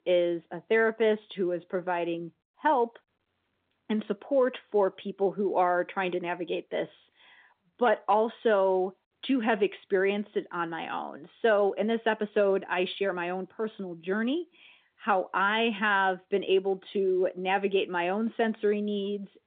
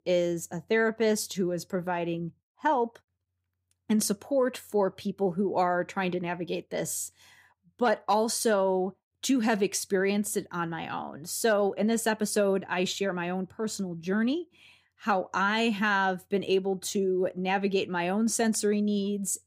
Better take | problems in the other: second | phone-call audio

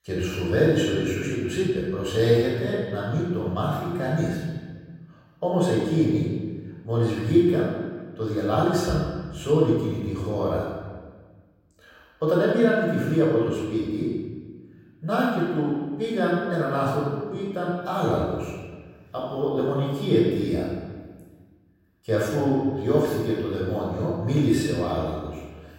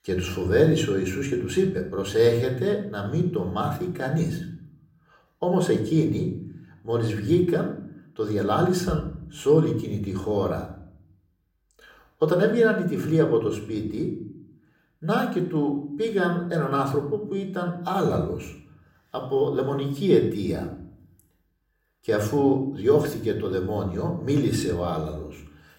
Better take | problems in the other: second | room echo; strong; dies away in 1.3 s; slight in the second // off-mic speech; far; somewhat distant in the second

